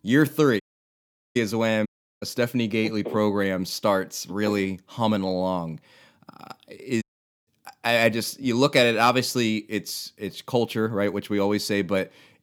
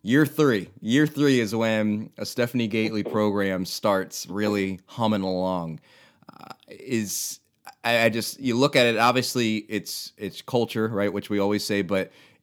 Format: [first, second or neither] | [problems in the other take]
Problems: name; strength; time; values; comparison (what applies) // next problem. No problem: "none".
second | audio cutting out; at 0.5 s for 1 s, at 2 s and at 7 s